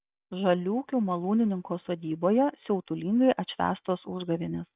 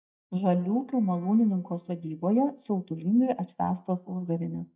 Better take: first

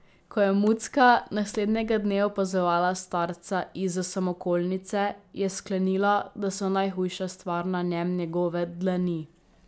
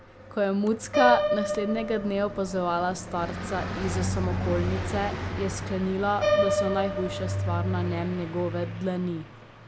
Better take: first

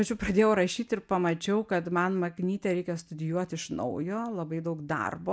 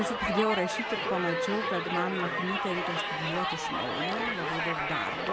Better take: first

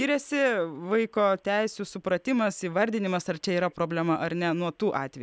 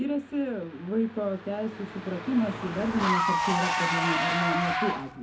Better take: first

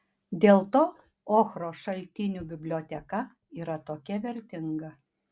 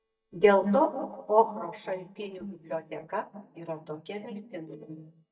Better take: first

